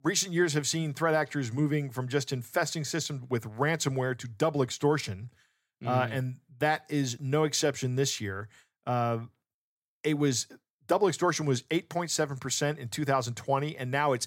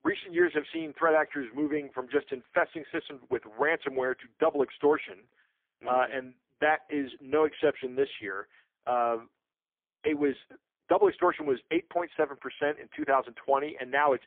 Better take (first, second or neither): first